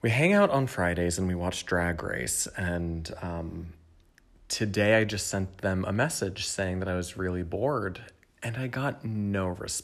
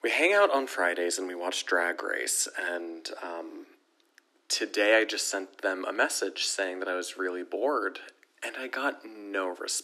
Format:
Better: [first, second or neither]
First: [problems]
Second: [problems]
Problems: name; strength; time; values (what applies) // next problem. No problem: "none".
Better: first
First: none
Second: thin; somewhat; fading below 300 Hz